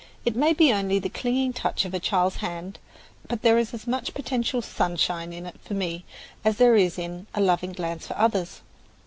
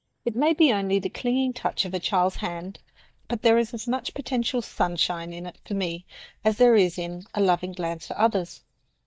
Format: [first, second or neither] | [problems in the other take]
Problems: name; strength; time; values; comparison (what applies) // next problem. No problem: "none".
first | noise reduction (neural mask model DeepFilterNet 3)